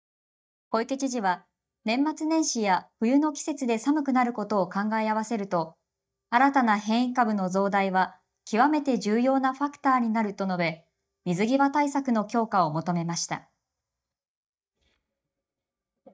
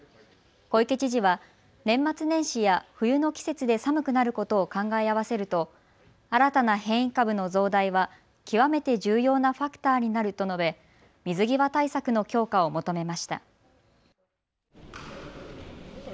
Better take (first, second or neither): second